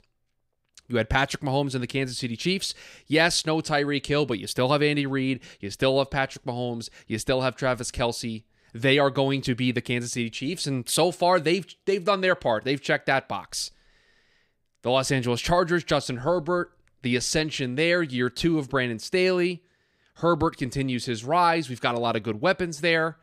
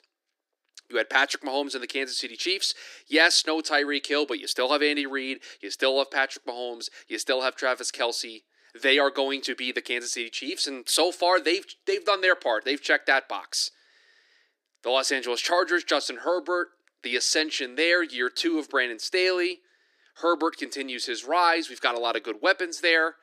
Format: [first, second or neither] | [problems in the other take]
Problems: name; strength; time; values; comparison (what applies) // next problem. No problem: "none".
first | thin; somewhat; fading below 300 Hz